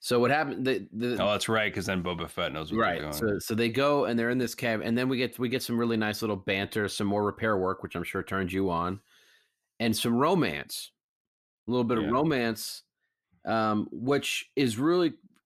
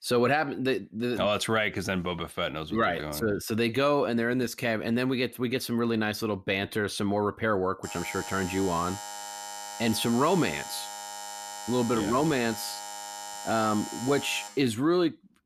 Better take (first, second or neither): first